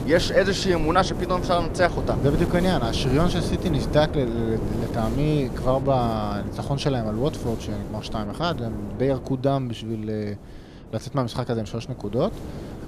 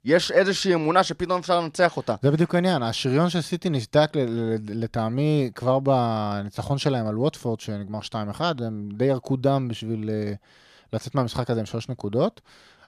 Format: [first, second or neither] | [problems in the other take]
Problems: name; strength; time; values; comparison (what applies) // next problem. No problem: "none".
second | wind noise on the microphone; heavy; 9 dB below the speech